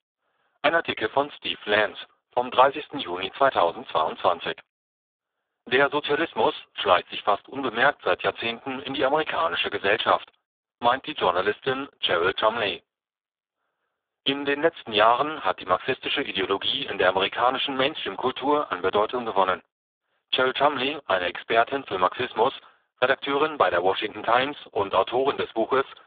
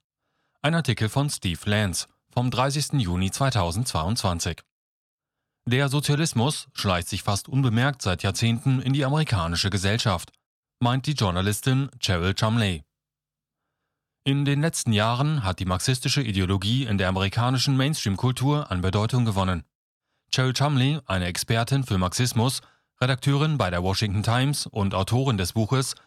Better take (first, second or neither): second